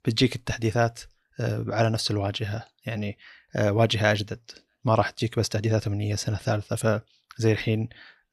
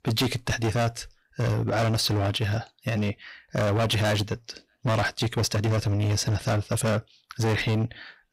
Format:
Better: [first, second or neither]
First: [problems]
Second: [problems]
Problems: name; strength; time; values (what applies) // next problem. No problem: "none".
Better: first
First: none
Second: distortion; heavy; 22% of the sound clipped